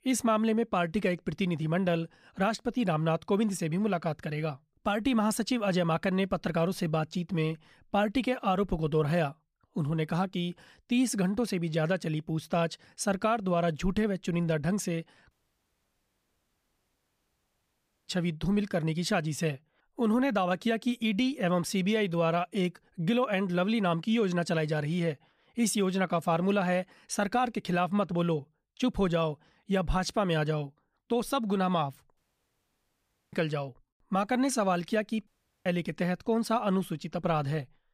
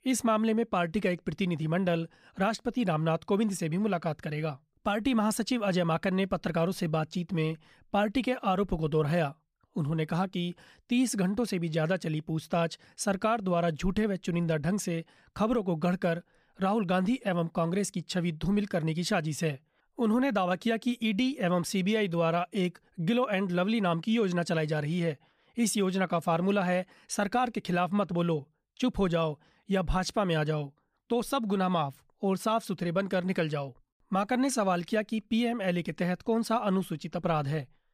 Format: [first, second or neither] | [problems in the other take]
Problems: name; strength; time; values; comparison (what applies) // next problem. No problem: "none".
second | audio cutting out; at 15 s for 3 s, at 32 s for 1 s and at 35 s